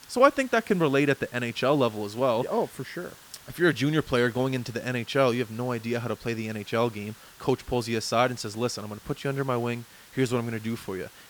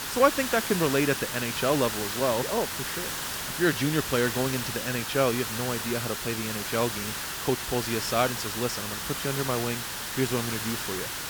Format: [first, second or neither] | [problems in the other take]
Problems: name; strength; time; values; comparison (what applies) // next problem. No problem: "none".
first | hiss; loud; throughout; 2 dB below the speech; faint in the first